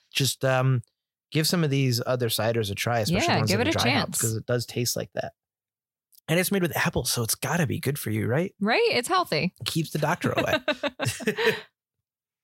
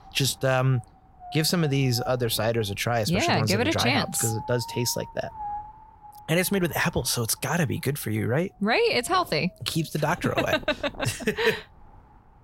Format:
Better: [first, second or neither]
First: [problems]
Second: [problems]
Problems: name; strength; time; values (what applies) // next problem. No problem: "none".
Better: first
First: none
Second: wind noise on the microphone; occasional gusts; 15 dB below the speech